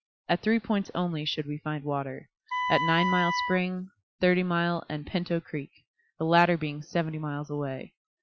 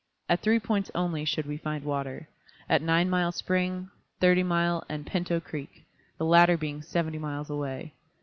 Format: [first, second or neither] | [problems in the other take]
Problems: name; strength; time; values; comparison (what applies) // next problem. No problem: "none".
second | noise reduction (classical method Wiener filter)